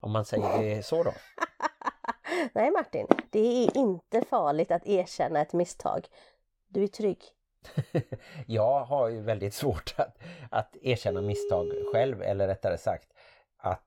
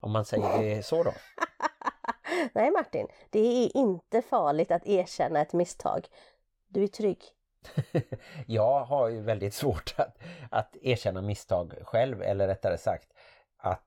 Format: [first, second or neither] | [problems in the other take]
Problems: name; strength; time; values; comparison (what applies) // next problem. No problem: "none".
second | footsteps; loud; from 3 to 4 s; peak 2 dB above the speech // phone ringing; noticeable; from 11 to 12 s; peak 3 dB below the speech